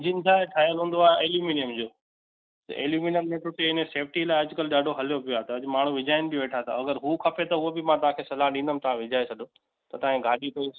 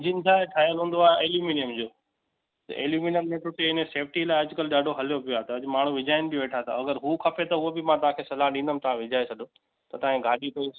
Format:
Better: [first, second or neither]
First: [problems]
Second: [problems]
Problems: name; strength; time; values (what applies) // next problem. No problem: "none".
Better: second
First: noise reduction (neural mask model Resemble Enhance denoiser)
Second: none